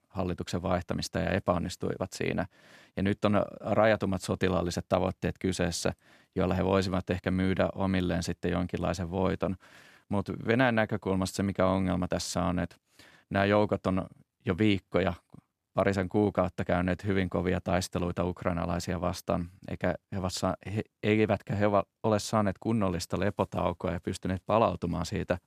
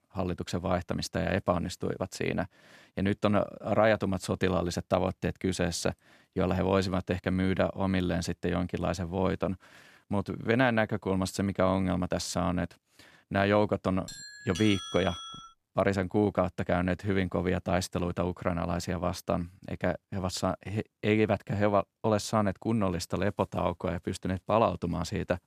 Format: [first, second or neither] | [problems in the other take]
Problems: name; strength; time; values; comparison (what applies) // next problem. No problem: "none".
first | doorbell; noticeable; from 14 to 16 s; peak 7 dB below the speech